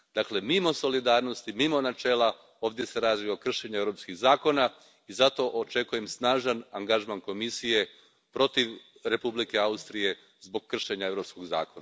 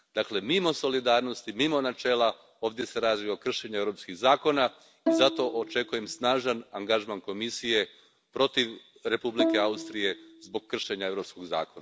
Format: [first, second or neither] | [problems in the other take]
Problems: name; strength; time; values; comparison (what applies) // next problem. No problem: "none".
first | background sound (Bowed string instrument); 5 dB below the speech